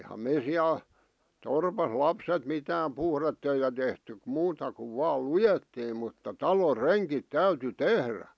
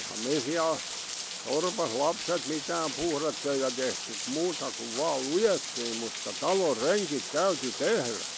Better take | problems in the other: first | background sound (Rain); 6 dB below the speech

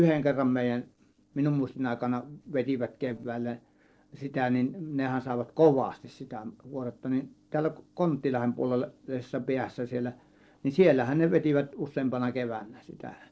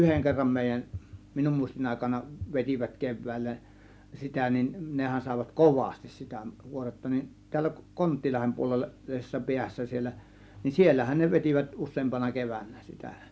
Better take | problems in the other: second | noise reduction (neural separator model SepFormer DNS4)

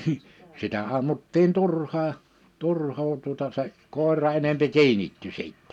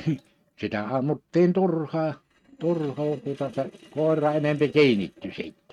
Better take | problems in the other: first | noise reduction (neural mask model RNNoise)

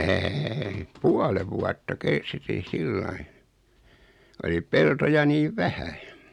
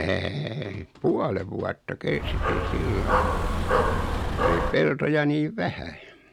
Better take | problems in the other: first | background sound (Dog); 4 dB above the speech

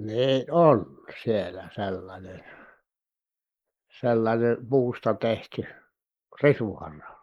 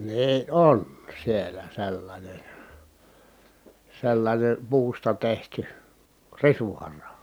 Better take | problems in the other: second | noise reduction (neural mask model Resemble Enhance denoiser)

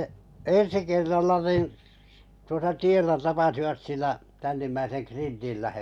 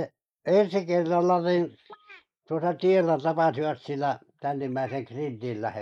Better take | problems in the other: first | noise reduction (neural mask model Resemble Enhance denoiser)

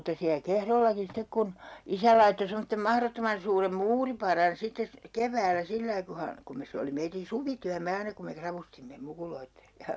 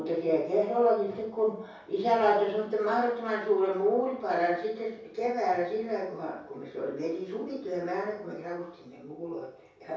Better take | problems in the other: first | room echo; dies away in 0.6 s

